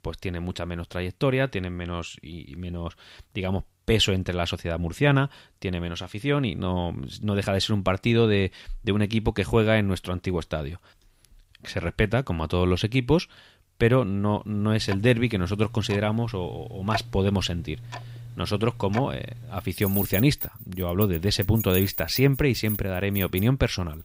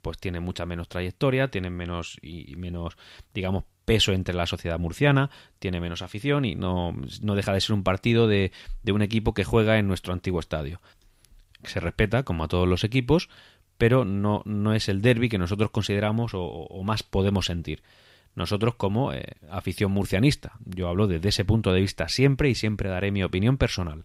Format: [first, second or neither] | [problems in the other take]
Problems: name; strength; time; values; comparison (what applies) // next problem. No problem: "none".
second | household noises; loud; from 15 s on; 10 dB below the speech